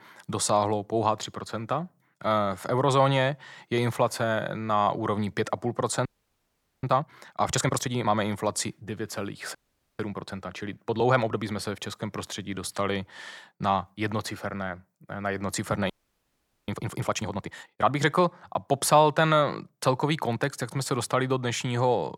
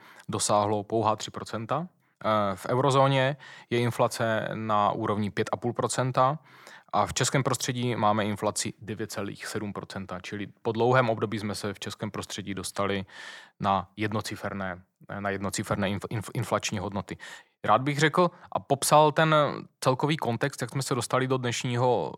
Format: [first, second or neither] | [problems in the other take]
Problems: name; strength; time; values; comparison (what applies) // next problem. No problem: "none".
second | audio freezing; at 6 s for 1 s, at 9.5 s and at 16 s for 1 s